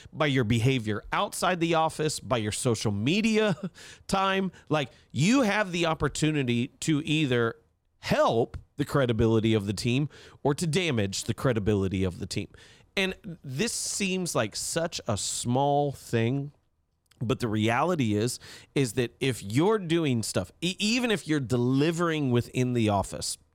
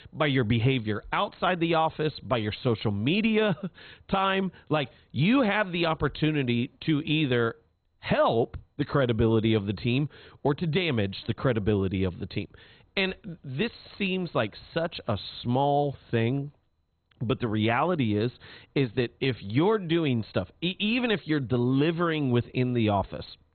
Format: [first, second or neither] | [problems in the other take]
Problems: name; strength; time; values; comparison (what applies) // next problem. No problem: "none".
first | garbled, watery; badly; nothing above 4 kHz